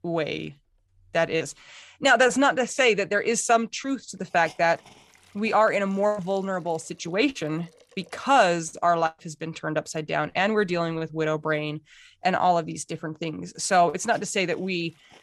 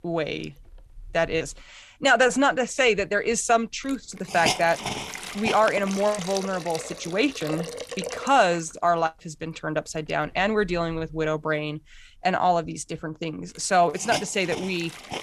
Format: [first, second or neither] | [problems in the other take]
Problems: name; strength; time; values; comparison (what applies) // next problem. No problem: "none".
first | hiss; loud; throughout; 8 dB below the speech; faint in the first